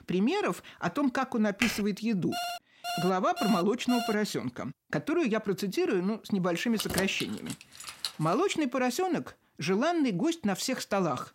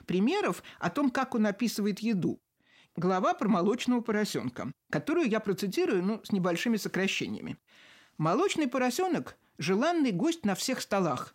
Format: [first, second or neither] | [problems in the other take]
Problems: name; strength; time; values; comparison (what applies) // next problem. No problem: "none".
second | keyboard typing; noticeable; at 1.5 s; peak 2 dB below the speech // alarm; noticeable; from 2.5 to 4 s; peak 5 dB below the speech // jangling keys; noticeable; from 7 to 8.5 s; peak 4 dB below the speech